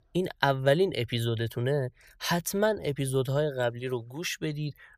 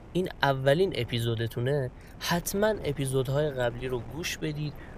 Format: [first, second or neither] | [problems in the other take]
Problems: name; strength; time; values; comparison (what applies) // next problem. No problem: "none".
first | wind noise on the microphone; occasional gusts; 20 dB below the speech